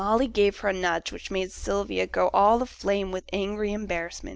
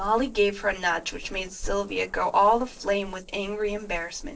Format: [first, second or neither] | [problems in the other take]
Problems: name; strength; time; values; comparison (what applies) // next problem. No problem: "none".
first | noise reduction (neural separator model SepFormer DNS4)